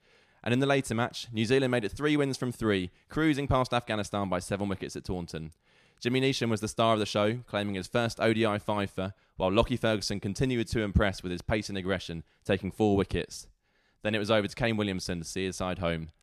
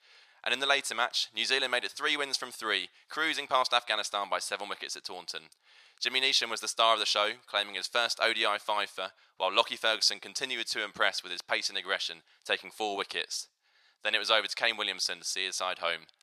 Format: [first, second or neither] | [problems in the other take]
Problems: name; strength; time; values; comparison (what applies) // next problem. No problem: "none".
first | thin; very; fading below 950 Hz